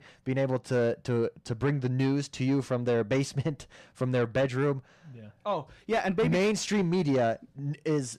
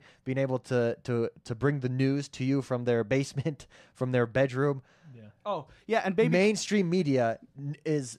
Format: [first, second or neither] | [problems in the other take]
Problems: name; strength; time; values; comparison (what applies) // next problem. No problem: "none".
second | distortion; slight; 10 dB below the speech